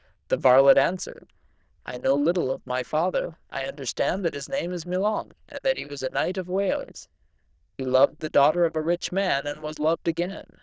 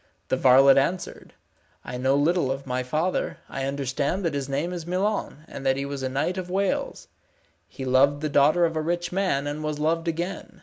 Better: second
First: noise reduction (neural diffusion model UNIVERSE++)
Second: none

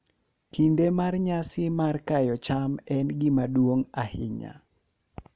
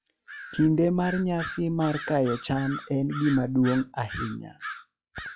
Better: first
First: none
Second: noise reduction (classical method log-MMSE)

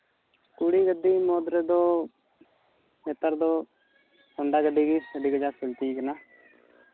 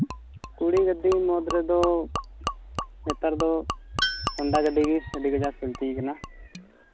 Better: first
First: none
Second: background sound (Gurgling / Liquid + Tools); 7 dB below the speech

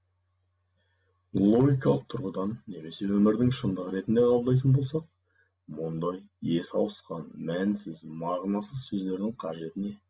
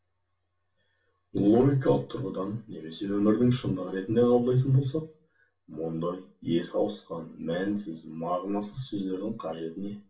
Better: first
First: none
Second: room echo; dies away in 0.2 s

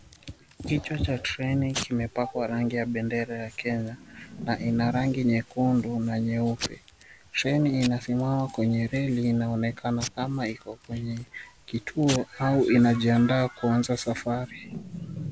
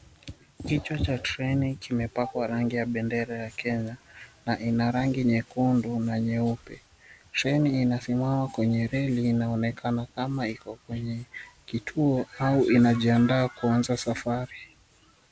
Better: second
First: background sound (Packing tape, duct tape / Tearing); 15 dB below the speech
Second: none

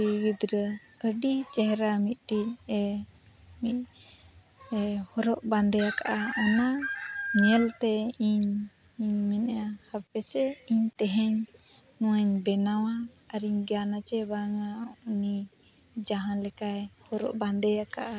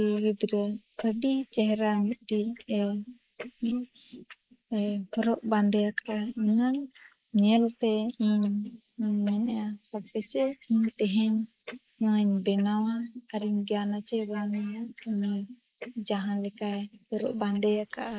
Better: first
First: none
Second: noise reduction (neural mask model Resemble Enhance denoiser)

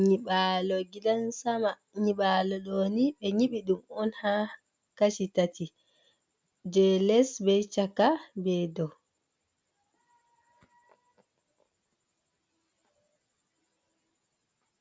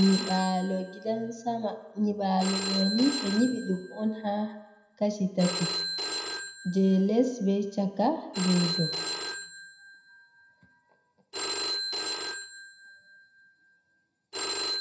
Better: first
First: none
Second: background sound (Telephone); 7 dB below the speech // room echo; dies away in 0.8 s

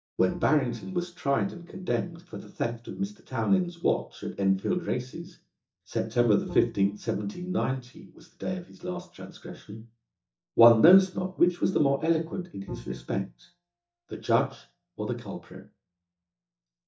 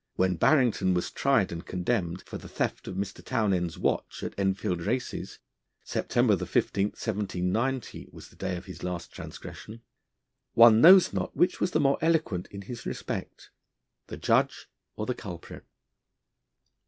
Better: second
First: noise reduction (neural mask model DeepFilterNet 3)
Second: none

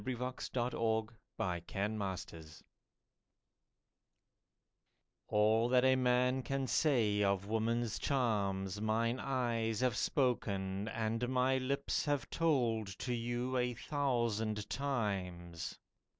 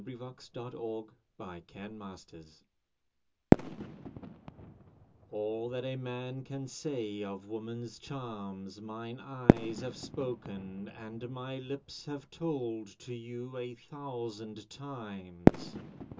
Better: first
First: none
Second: background sound (Fireworks); 4 dB above the speech // room echo; dies away in 0.2 s

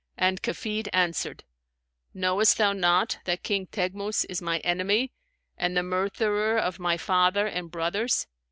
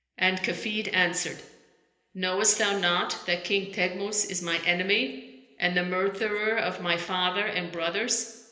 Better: first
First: none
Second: room echo; dies away in 1.4 s

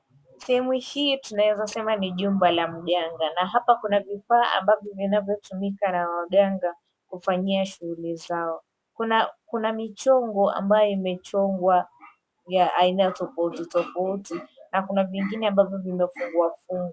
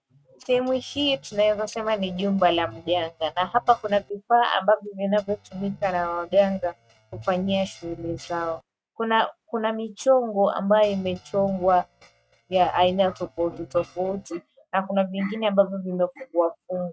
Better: first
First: none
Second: noise reduction (neural mask model RNNoise)

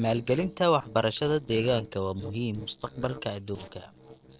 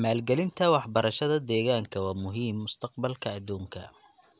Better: second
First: noise reduction (neural separator model SepFormer DNS4)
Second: none

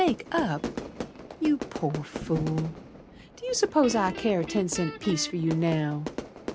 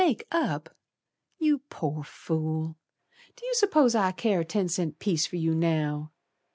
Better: second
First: background sound (Fire / Fireworks + Guitar); 9 dB below the speech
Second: none

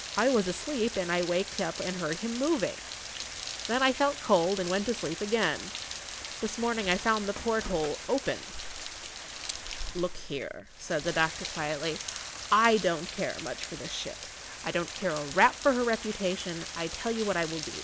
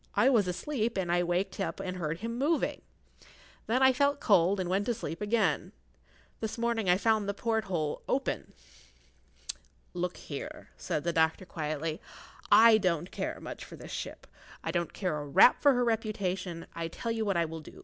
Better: second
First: background sound (Rain); 9 dB below the speech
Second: none

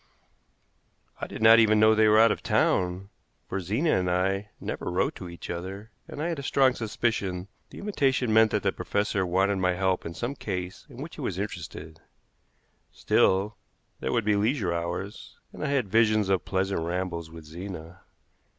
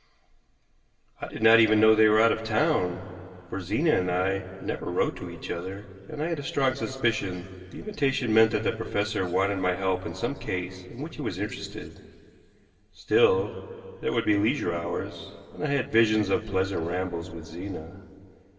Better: first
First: none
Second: room echo; dies away in 2.4 s

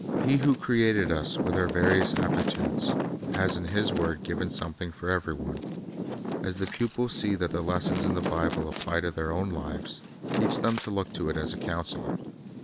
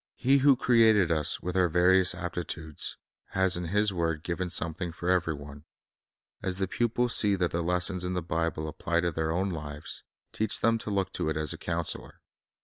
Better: second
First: background sound (Wind); 2 dB below the speech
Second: none

